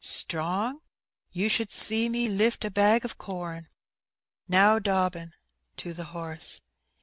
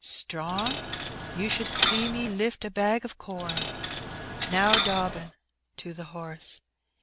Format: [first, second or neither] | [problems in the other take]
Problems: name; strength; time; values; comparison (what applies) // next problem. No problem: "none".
first | background sound (Coin (dropping)); 1 dB above the speech